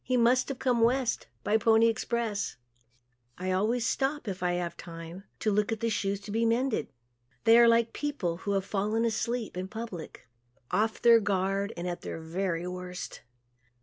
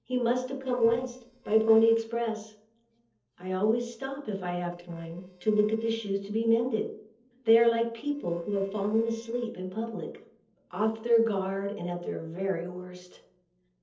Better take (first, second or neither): first